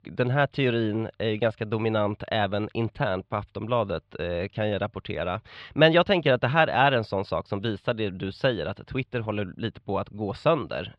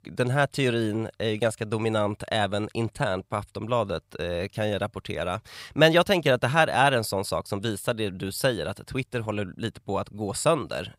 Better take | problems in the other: second | muffled; slightly; fading above 3.5 kHz

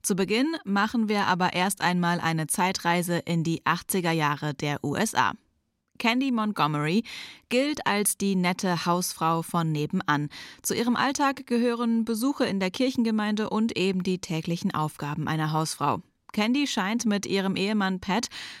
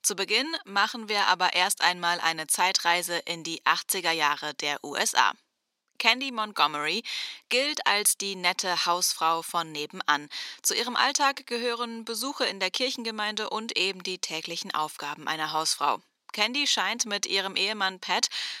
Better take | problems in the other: first | thin; very; fading below 550 Hz

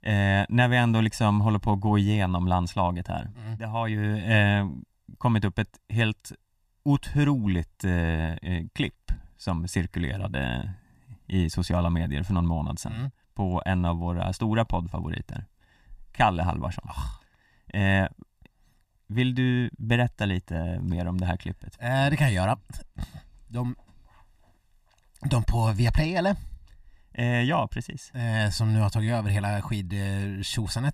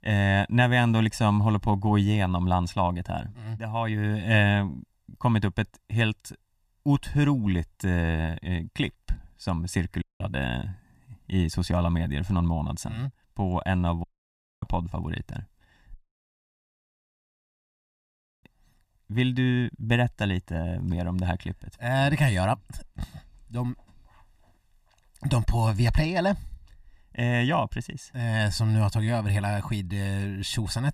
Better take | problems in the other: first | audio cutting out; at 10 s, at 14 s for 0.5 s and at 16 s for 2.5 s

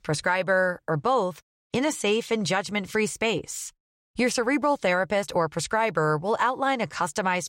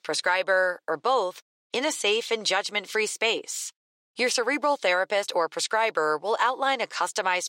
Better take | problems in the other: first | thin; somewhat; fading below 350 Hz

